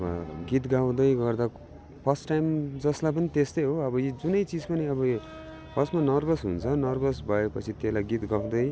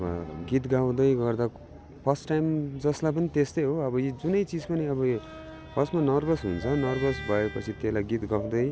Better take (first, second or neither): first